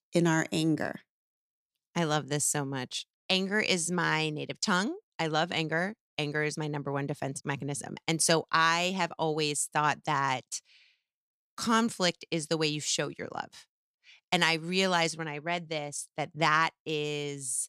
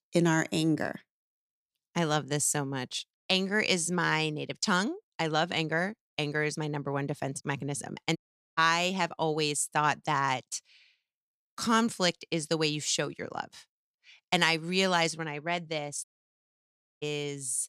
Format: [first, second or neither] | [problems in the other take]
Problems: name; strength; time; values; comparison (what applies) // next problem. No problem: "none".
first | audio cutting out; at 8 s and at 16 s for 1 s